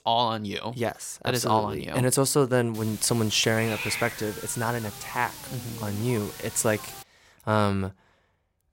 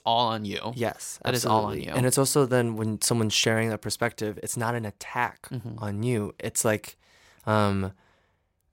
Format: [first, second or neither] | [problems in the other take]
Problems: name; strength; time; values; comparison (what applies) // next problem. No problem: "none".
second | hiss; noticeable; from 2.5 to 7 s; 10 dB below the speech